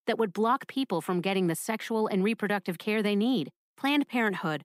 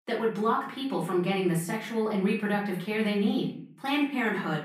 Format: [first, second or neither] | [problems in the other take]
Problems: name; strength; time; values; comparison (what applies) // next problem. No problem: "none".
first | room echo; slight; dies away in 0.5 s // off-mic speech; far